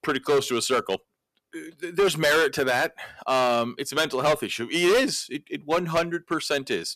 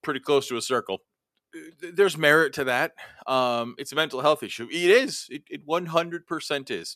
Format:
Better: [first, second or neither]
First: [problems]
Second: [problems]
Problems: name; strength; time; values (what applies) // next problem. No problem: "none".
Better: second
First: distortion; heavy; 8% of the sound clipped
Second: none